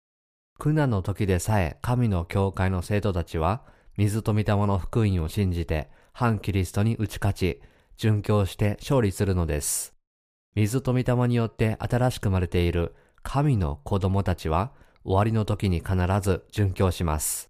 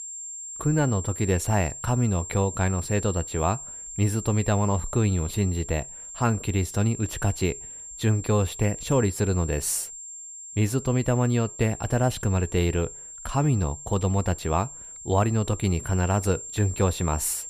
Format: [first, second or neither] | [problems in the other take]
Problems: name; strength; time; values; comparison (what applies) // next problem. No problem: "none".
first | high-pitched whine; noticeable; throughout; 7.5 kHz, 10 dB below the speech